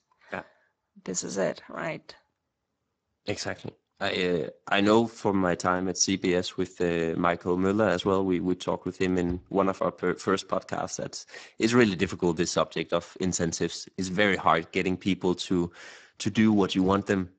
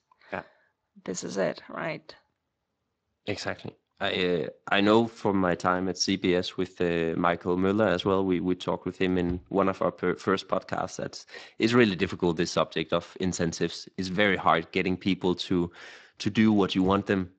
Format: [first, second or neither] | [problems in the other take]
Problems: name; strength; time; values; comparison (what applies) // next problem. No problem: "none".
second | garbled, watery; badly; nothing above 7.5 kHz; slightly in the second